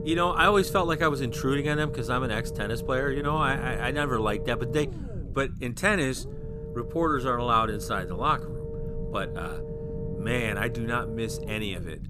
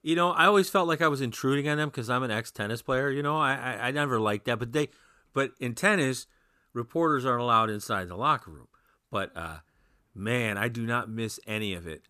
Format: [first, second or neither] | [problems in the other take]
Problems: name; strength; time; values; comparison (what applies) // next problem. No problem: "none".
second | low rumble; noticeable; throughout; 10 dB below the speech